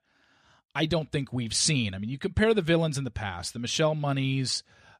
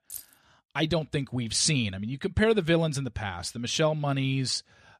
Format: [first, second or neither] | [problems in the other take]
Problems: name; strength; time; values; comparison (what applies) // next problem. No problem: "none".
first | jangling keys; faint; at the start; peak 15 dB below the speech